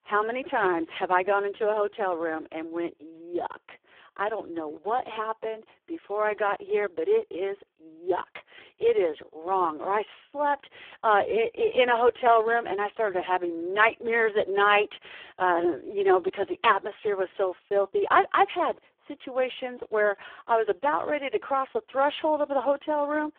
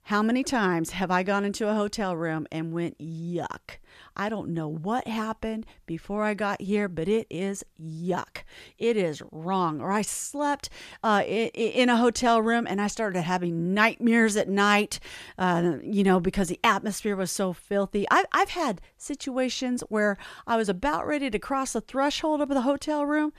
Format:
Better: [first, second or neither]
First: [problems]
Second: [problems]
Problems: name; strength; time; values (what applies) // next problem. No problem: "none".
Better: second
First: phone-call audio; poor line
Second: none